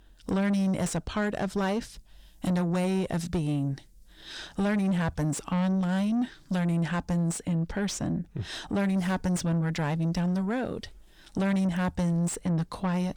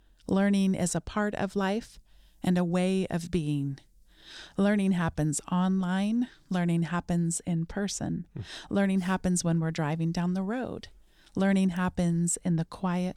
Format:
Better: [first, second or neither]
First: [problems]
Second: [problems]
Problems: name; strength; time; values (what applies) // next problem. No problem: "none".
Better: second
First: distortion; slight; 9 dB below the speech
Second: none